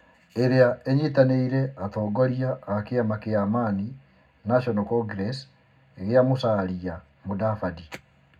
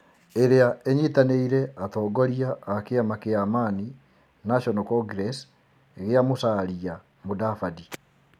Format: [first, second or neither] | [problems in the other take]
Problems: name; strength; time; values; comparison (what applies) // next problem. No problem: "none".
second | room echo; dies away in 0.3 s